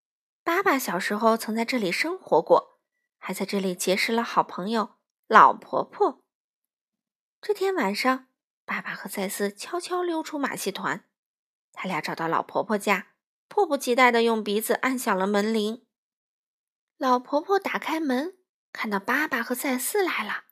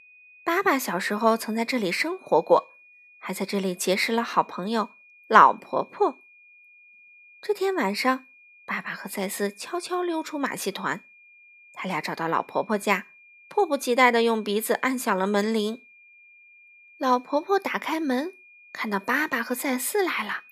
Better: first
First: none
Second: high-pitched whine; faint; throughout; 2.5 kHz, 25 dB below the speech

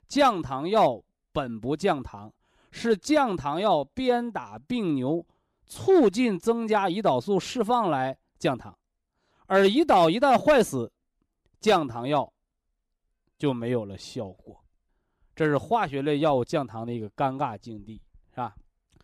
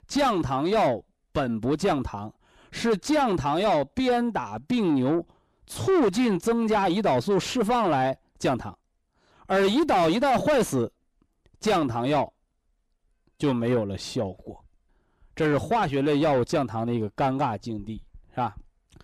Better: first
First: none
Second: distortion; heavy; 7 dB below the speech

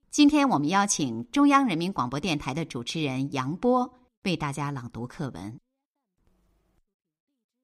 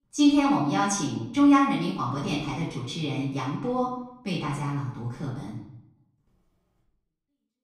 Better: first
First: none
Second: off-mic speech; far // room echo; noticeable; dies away in 0.7 s

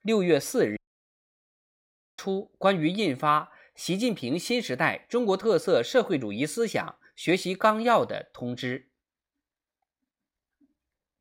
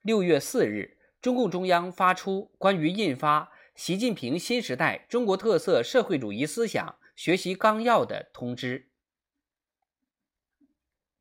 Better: second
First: audio cutting out; at 1 s for 1.5 s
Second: none

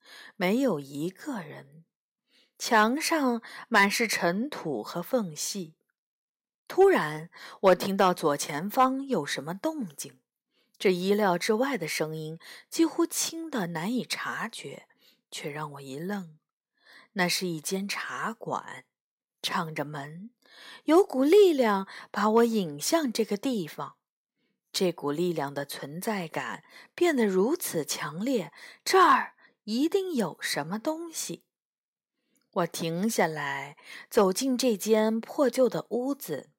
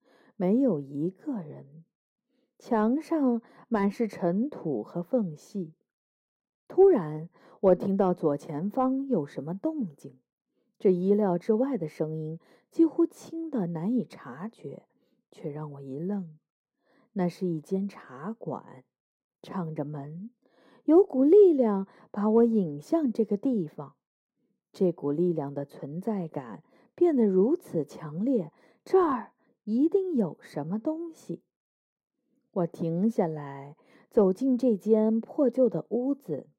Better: first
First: none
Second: muffled; very; fading above 1 kHz

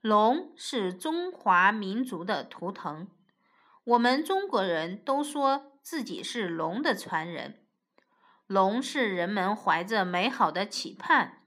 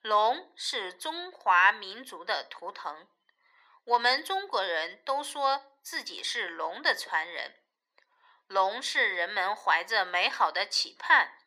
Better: first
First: none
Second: thin; very; fading below 550 Hz

